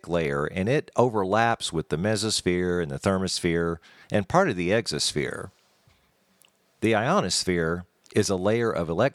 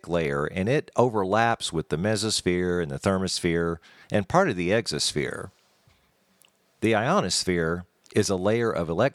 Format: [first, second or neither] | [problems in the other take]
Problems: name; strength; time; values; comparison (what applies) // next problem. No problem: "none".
neither | none